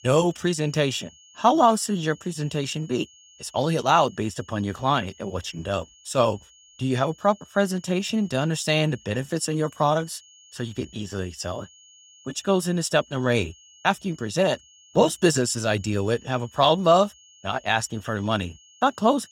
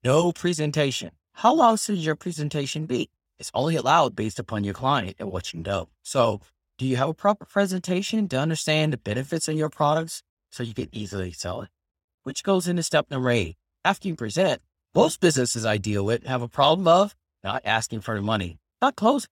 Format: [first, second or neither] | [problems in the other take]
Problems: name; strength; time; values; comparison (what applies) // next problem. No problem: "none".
second | high-pitched whine; faint; throughout; 3 kHz, 25 dB below the speech